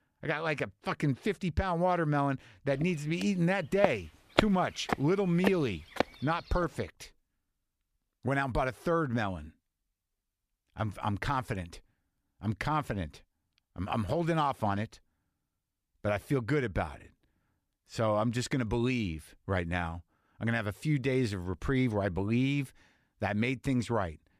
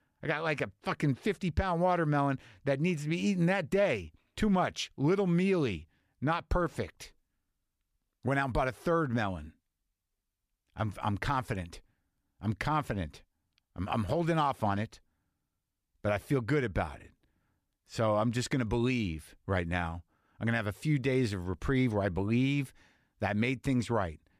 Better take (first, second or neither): second